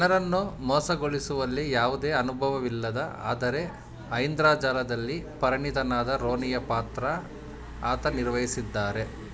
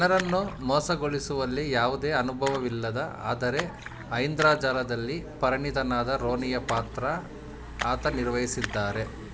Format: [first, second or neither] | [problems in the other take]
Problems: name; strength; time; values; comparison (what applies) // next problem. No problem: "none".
first | background sound (Splash, splatter); 15 dB below the speech